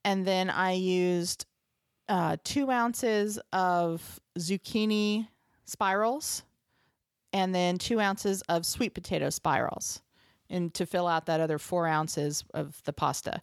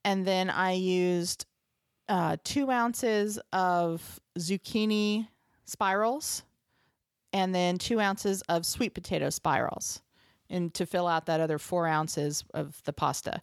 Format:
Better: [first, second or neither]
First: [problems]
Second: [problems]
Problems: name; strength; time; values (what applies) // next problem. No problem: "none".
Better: neither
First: none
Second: none